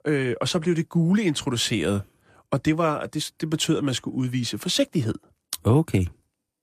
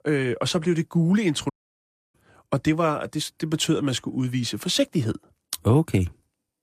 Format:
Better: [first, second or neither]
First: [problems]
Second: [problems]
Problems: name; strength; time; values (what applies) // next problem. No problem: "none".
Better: first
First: none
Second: audio cutting out; at 1.5 s for 0.5 s